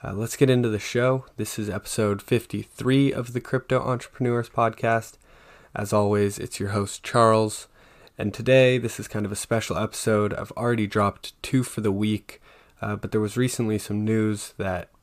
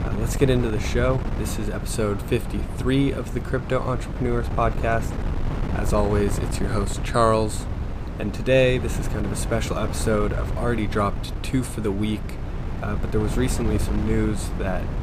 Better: first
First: none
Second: wind noise on the microphone; heavy; 10 dB below the speech

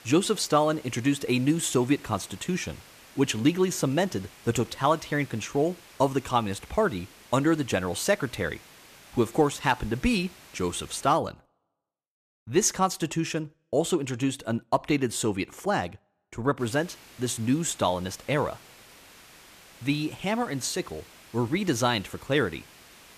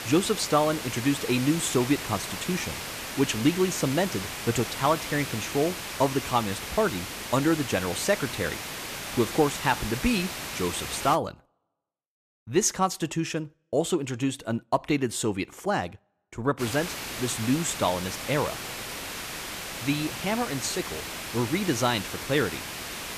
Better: first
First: hiss; faint; until 11 s and from 17 s on; 20 dB below the speech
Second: hiss; loud; until 11 s and from 17 s on; 6 dB below the speech

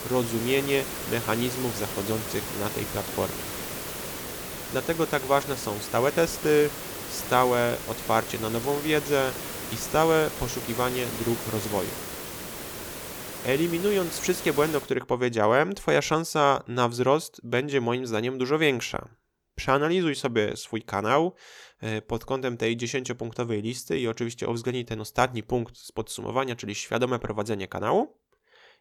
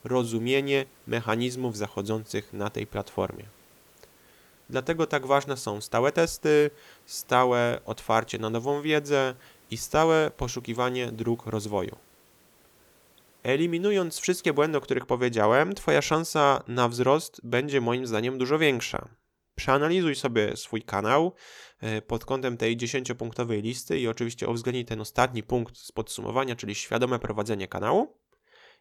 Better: second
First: hiss; loud; until 15 s; 7 dB below the speech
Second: hiss; faint; until 15 s; 30 dB below the speech

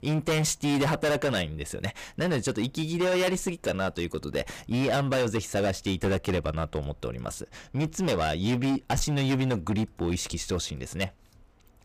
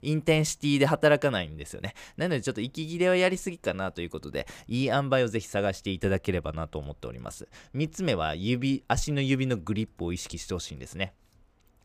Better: second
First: distortion; heavy; 16% of the sound clipped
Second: none

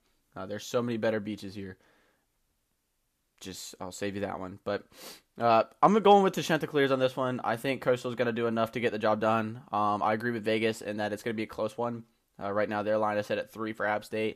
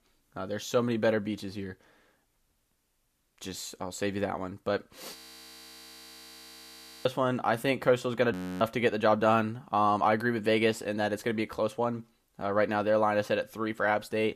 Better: first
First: none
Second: audio freezing; at 5 s for 2 s and at 8.5 s

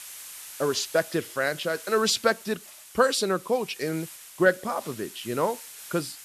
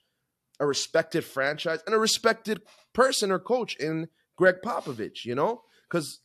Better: second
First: hiss; noticeable; throughout; 15 dB below the speech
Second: none

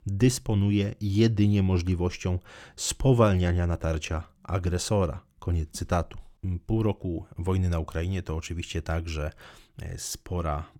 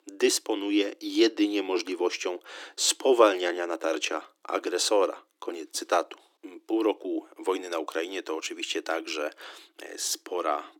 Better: first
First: none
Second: thin; very; fading below 300 Hz

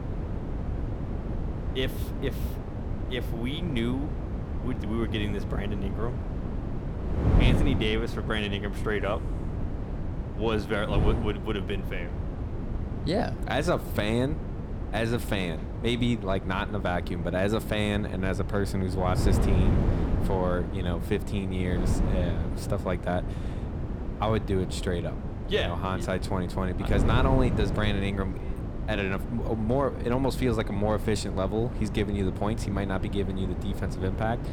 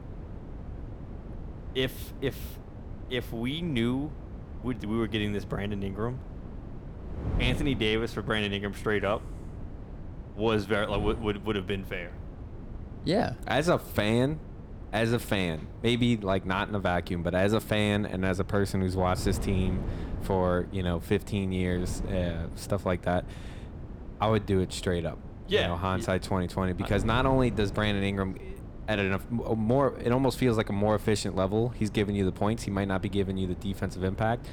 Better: second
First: wind noise on the microphone; heavy; 8 dB below the speech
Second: wind noise on the microphone; occasional gusts; 20 dB below the speech

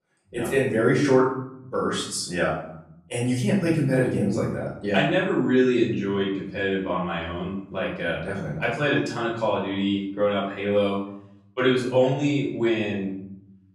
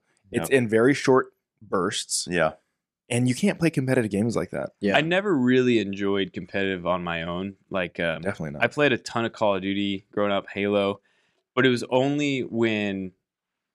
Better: second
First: off-mic speech; far // room echo; noticeable; dies away in 0.8 s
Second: none

